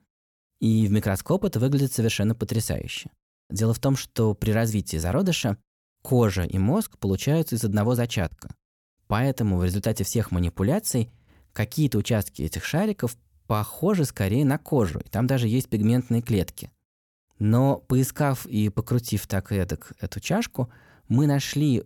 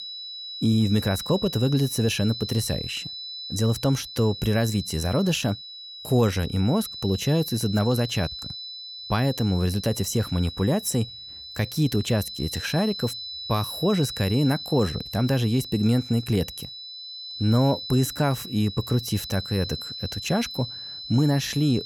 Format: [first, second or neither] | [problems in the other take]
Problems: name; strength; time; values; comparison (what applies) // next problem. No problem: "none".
first | high-pitched whine; loud; throughout; 4 kHz, 9 dB below the speech